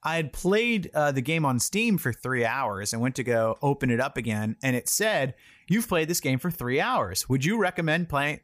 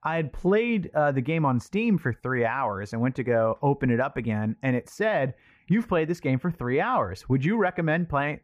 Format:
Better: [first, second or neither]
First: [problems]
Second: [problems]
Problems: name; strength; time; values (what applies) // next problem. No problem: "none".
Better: first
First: none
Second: muffled; very; fading above 4 kHz